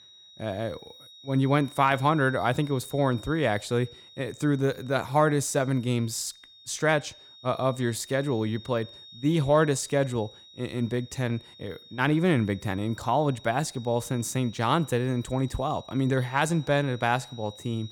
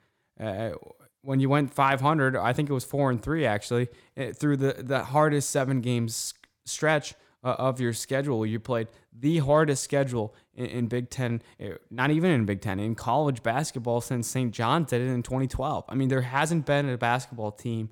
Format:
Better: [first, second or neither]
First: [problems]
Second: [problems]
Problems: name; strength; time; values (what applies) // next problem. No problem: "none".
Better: second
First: high-pitched whine; faint; throughout; 4 kHz, 20 dB below the speech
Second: none